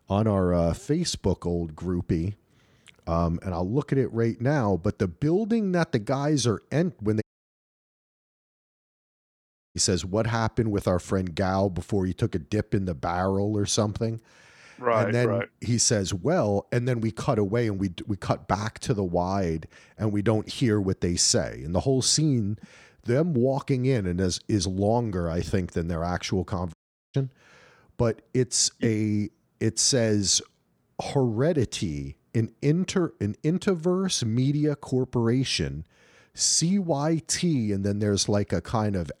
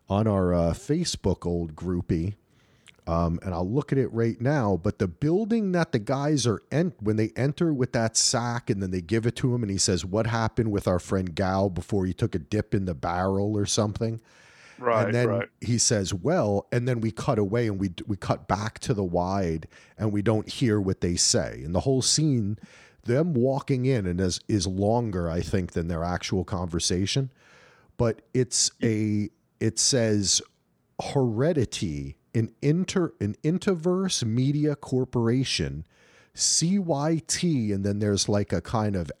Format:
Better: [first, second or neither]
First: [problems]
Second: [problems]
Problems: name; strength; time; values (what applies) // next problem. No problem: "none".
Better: second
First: audio cutting out; at 7 s for 2.5 s and at 27 s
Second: none